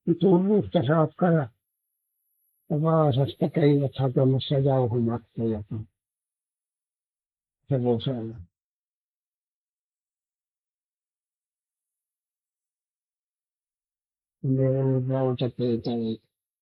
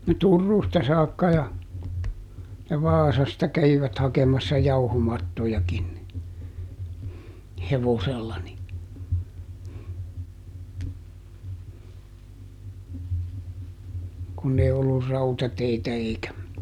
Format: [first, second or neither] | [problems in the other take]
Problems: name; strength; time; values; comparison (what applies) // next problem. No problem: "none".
second | noise reduction (neural mask model Resemble Enhance denoiser)